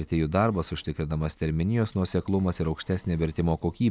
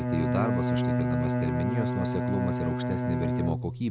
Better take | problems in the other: first | background sound (Bowed string instrument); 4 dB above the speech

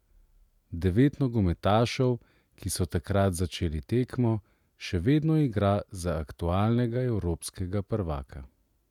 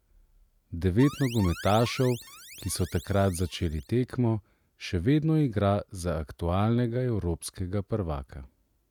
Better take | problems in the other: first | background sound (Alarm); 16 dB below the speech

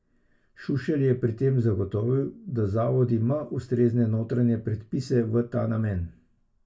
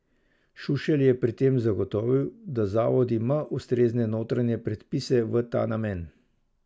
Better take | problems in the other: second | room echo; dies away in 0.2 s

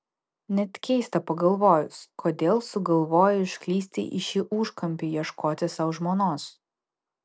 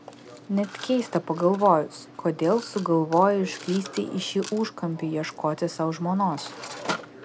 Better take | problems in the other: first | background sound (Mechanisms); 15 dB below the speech

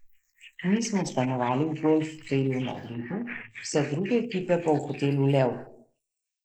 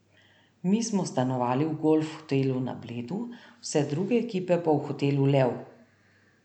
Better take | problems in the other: second | noise reduction (neural mask model Resemble Enhance denoiser)

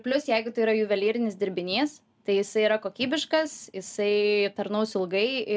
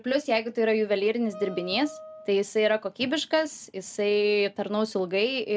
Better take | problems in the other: first | background sound (Wind instrument, woodwind instrument); 16 dB below the speech

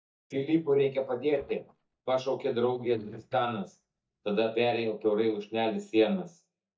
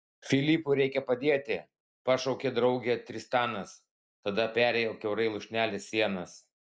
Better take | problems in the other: second | noise reduction (neural mask model DeepFilterNet 3)

